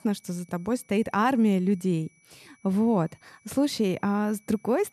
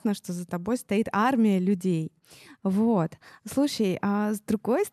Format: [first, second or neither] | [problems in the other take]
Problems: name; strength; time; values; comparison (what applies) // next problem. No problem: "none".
second | high-pitched whine; faint; throughout; 2.5 kHz, 35 dB below the speech